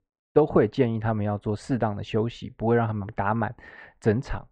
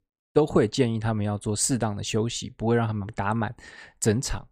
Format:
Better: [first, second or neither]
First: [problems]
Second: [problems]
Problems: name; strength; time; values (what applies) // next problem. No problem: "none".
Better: second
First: muffled; very; fading above 2 kHz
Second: none